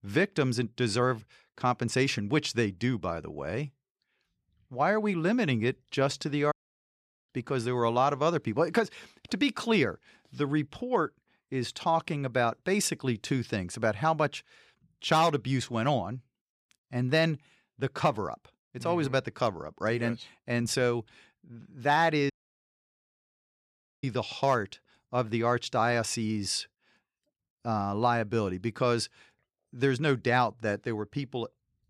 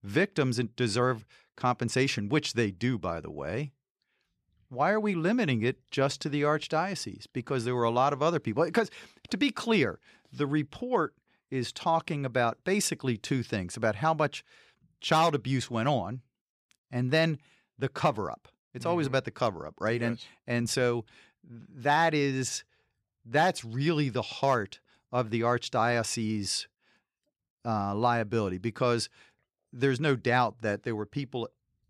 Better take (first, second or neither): second